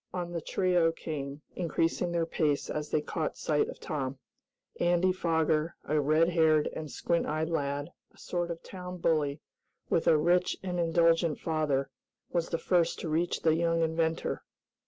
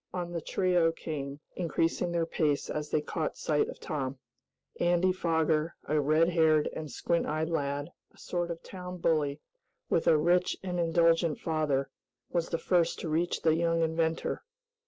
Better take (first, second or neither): first